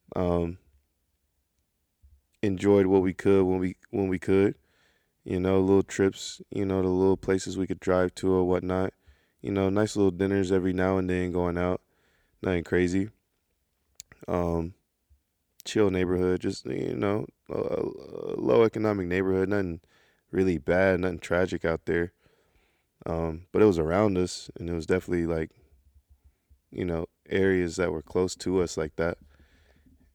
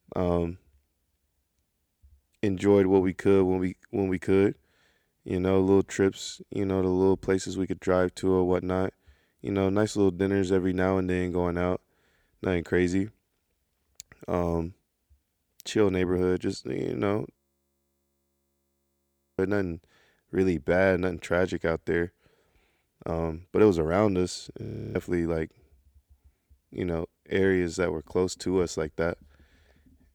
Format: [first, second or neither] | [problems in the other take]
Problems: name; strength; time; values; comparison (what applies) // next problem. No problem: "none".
first | audio freezing; at 17 s for 2 s and at 25 s